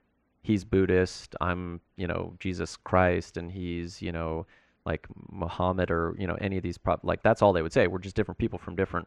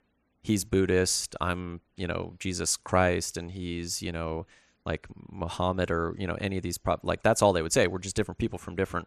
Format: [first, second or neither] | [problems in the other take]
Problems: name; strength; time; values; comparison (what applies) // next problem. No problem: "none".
second | muffled; slightly; fading above 2.5 kHz